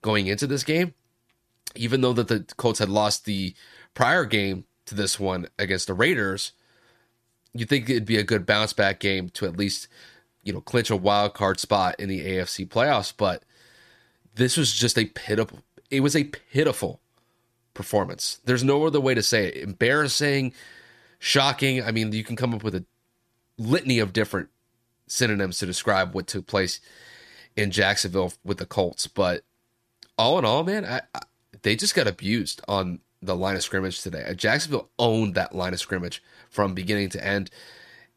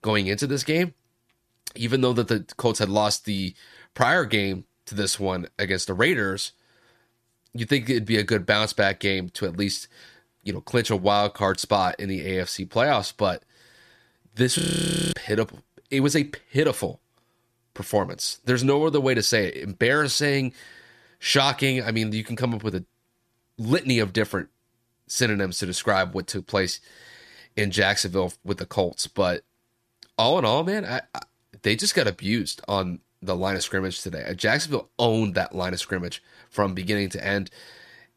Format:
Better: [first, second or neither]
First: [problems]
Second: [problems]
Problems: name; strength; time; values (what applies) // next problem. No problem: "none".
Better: first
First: none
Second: audio freezing; at 15 s for 0.5 s